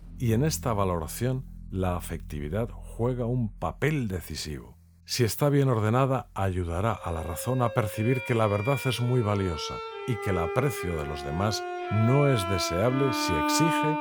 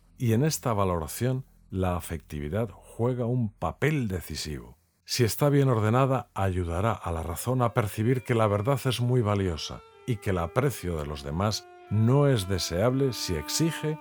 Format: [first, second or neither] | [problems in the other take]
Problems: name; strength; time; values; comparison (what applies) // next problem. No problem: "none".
second | background music; loud; throughout; 6 dB below the speech; faint in the second